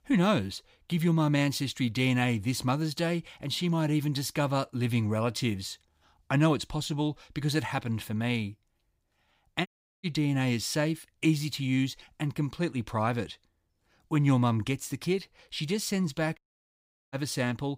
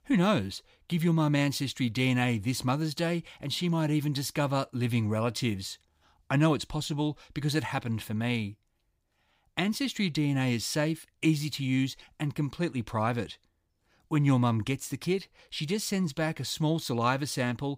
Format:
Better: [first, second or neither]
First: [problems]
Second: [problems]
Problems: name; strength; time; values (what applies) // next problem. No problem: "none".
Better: second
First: audio cutting out; at 9.5 s and at 16 s for 0.5 s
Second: none